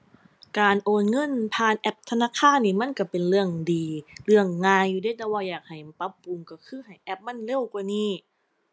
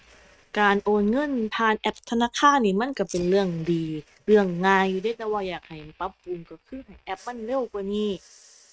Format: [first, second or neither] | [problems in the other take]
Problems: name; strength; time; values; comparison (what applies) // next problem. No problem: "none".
first | noise reduction (neural mask model RNNoise)